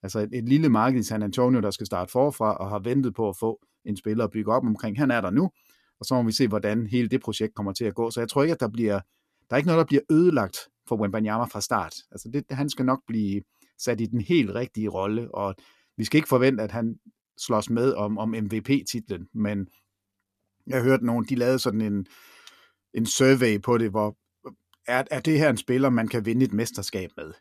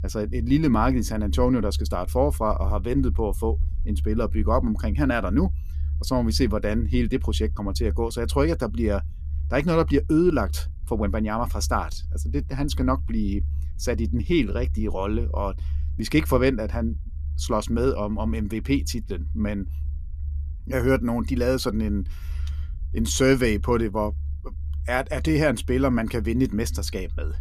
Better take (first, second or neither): first